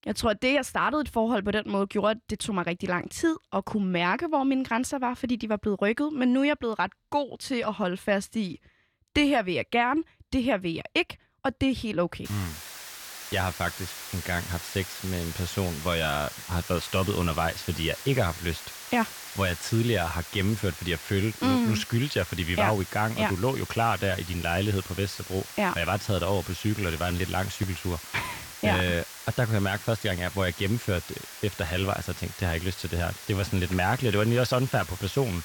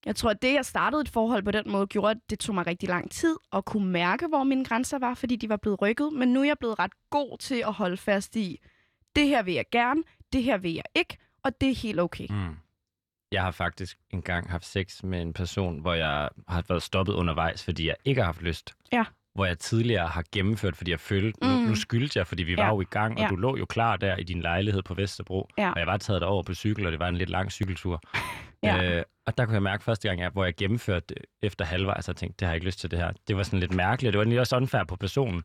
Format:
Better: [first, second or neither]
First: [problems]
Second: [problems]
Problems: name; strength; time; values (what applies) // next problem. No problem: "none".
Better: second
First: hiss; noticeable; from 12 s on; 10 dB below the speech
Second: none